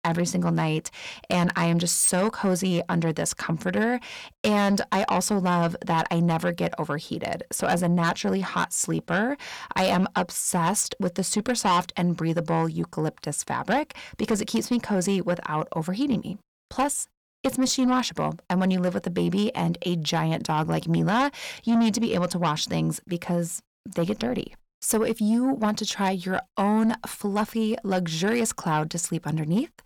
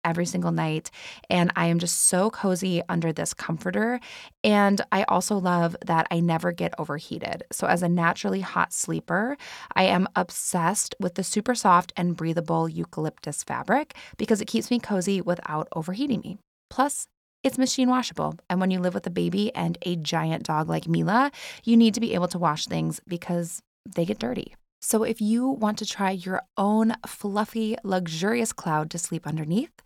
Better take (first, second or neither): second